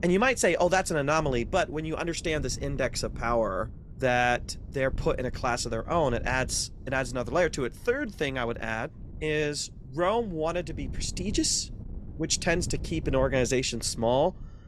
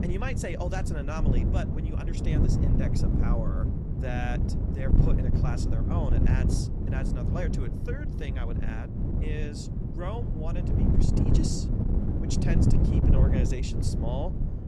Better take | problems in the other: first | wind noise on the microphone; heavy; 1 dB above the speech; occasional gusts in the first

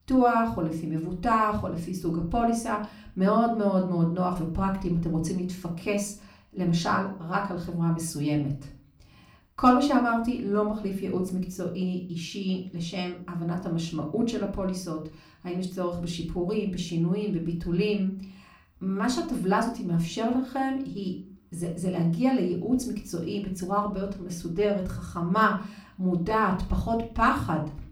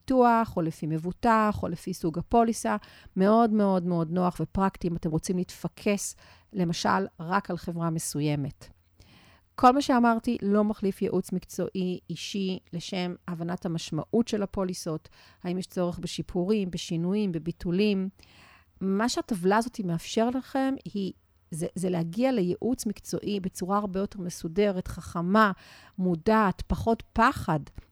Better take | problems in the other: second | off-mic speech; far // room echo; slight; dies away in 0.4 s

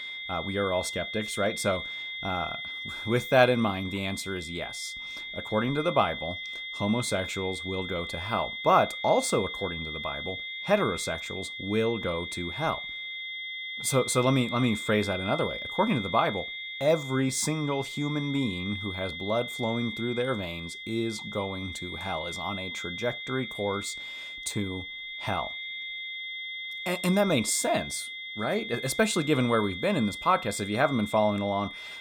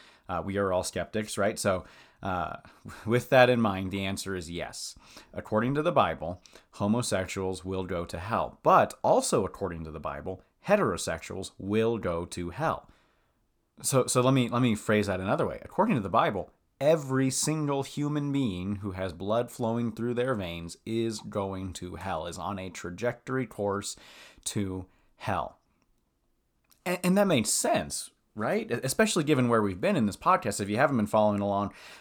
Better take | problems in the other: second | high-pitched whine; loud; throughout; 2 kHz, 6 dB below the speech

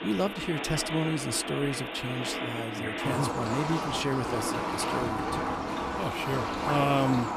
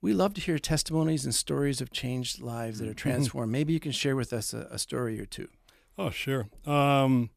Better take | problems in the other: second | animal sounds; loud; throughout; 1 dB below the speech

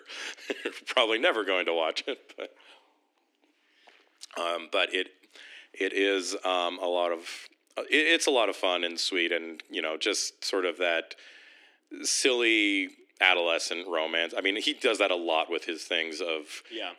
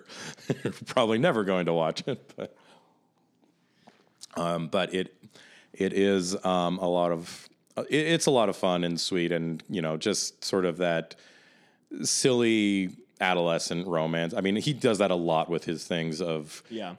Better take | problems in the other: second | thin; somewhat; fading below 300 Hz

